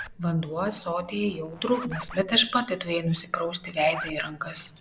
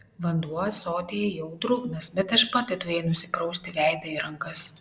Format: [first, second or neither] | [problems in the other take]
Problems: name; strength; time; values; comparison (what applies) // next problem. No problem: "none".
second | background sound (Zipper (clothing)); 16 dB below the speech